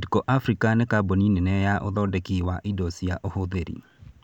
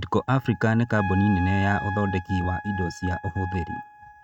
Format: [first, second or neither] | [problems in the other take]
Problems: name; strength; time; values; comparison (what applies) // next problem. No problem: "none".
first | noise reduction (neural mask model RNNoise)